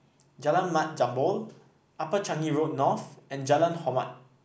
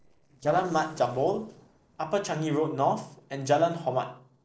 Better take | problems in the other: first | noise reduction (neural separator model SepFormer DNS4)

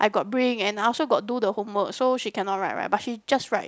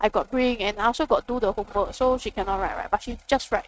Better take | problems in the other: first | noise reduction (neural mask model RNNoise)

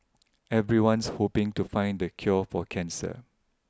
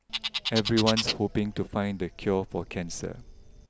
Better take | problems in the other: first | background sound (Bird); 6 dB below the speech

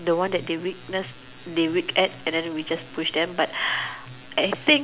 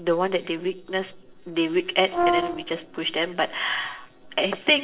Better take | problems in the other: first | noise reduction (neural separator model SepFormer DNS4)

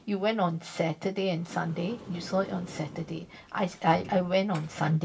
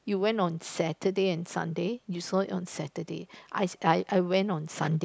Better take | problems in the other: second | background sound (Sliding door); 18 dB below the speech // room echo; dies away in 0.2 s

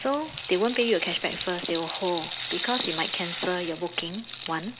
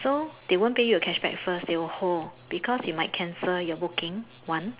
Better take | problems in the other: second | background sound (Rattle (instrument)); 7 dB below the speech

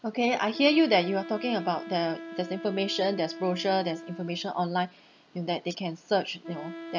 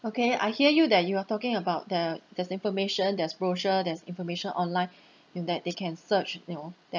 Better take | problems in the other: second | background sound (Wind instrument, woodwind instrument); 14 dB below the speech

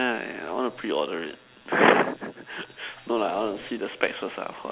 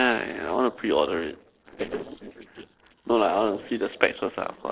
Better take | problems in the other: first | noise reduction (neural separator model SepFormer DNS4)

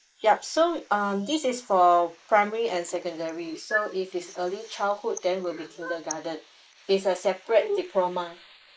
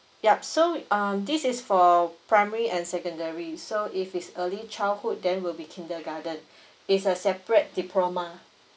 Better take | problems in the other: second | noise reduction (neural mask model Resemble Enhance denoiser)

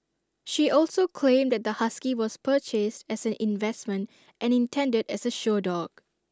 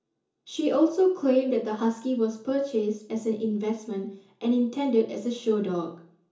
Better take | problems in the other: first | room echo; dies away in 0.7 s

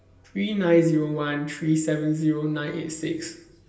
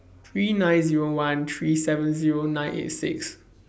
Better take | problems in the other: second | room echo; dies away in 0.7 s

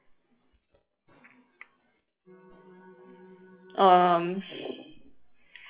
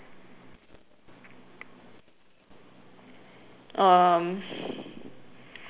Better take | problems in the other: second | noise reduction (classical method WPE with log-MMSE)

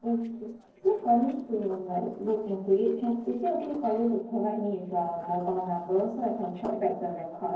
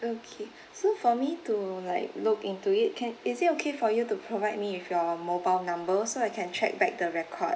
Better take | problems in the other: second | noise reduction (neural separator model SepFormer DNS4)

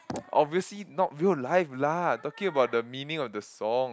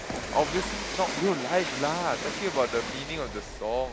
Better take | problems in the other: first | background sound (Train); 5 dB below the speech

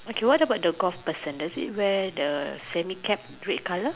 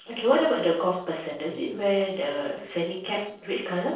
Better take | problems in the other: first | noise reduction (neural separator model SepFormer DNS4)

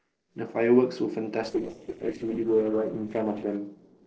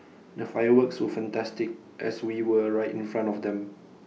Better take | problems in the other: second | noise reduction (neural separator model SepFormer DNS4)

